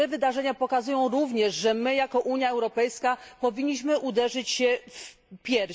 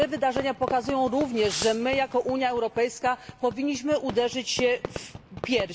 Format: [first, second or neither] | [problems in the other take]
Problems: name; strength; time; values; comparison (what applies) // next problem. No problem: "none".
first | background sound (Fireworks + Fireworks); 12 dB below the speech